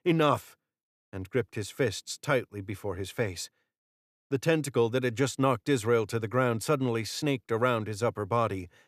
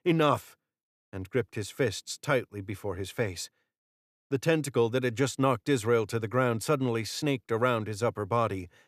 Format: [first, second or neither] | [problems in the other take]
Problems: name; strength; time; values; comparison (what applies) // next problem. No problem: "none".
neither | none